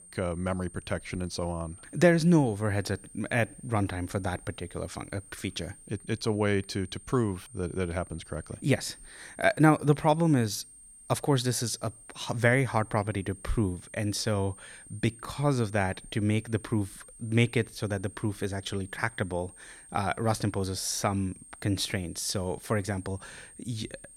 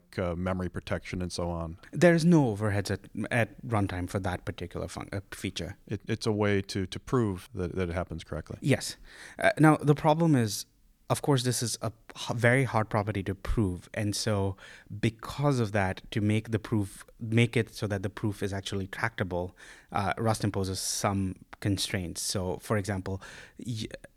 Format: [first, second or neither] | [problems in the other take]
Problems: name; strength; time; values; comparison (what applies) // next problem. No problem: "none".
second | high-pitched whine; noticeable; throughout; 8.5 kHz, 20 dB below the speech